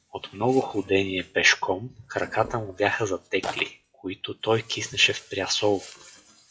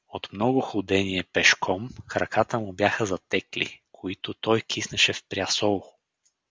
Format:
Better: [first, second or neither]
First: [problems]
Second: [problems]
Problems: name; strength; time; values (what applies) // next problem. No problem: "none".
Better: second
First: noise reduction (classical method WPE with log-MMSE)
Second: none